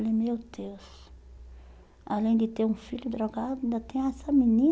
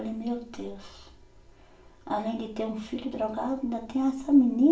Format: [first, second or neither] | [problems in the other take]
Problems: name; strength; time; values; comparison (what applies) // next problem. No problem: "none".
first | room echo; dies away in 0.4 s